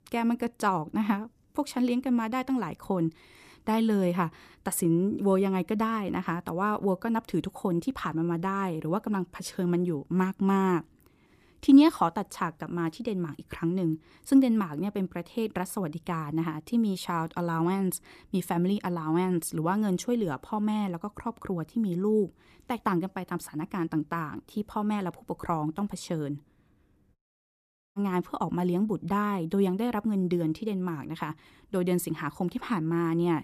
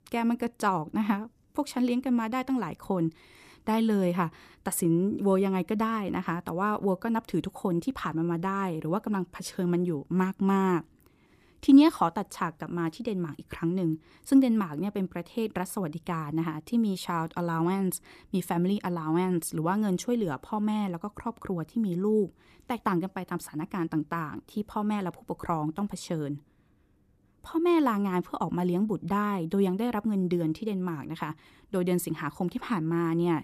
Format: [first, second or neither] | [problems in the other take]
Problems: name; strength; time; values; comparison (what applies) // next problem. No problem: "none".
second | audio cutting out; at 27 s for 1 s